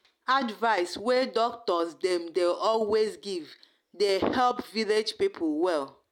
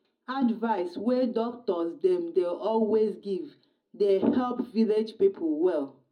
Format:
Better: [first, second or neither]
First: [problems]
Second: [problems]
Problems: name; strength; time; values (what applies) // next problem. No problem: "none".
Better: first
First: none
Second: room echo; dies away in 0.4 s